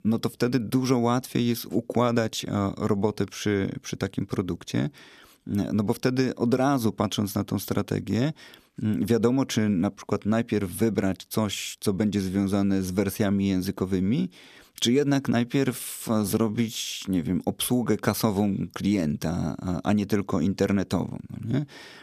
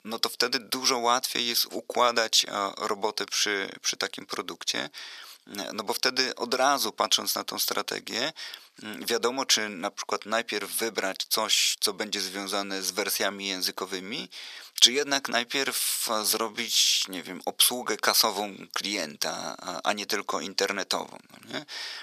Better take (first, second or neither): first